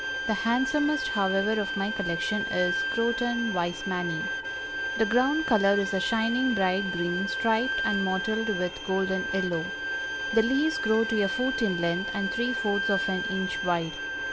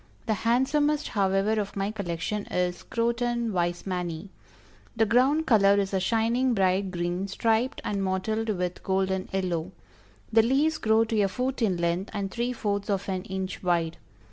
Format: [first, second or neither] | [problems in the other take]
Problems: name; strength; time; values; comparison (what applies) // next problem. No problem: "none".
second | background sound (Bowed string instrument); 3 dB below the speech